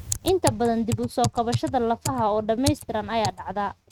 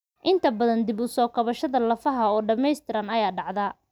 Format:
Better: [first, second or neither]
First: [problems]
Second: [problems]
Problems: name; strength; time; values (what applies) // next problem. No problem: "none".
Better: second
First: noise reduction (neural mask model RNNoise)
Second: none